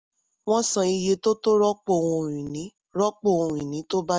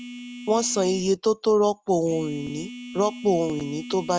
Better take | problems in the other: first | background sound (Telephone); 15 dB below the speech

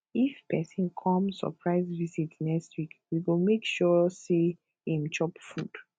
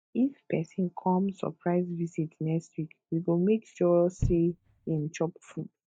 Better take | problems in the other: first | noise reduction (neural mask model DeepFilterNet 3)

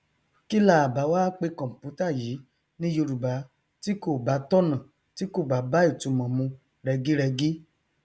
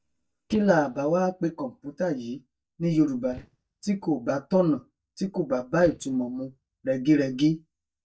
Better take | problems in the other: first | noise reduction (neural mask model DeepFilterNet 3)

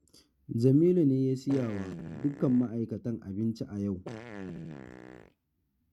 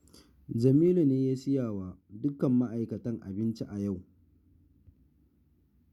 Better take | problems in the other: second | noise reduction (neural mask model RNNoise)

